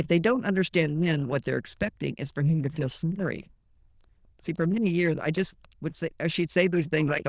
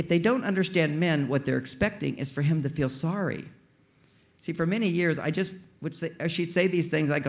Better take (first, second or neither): second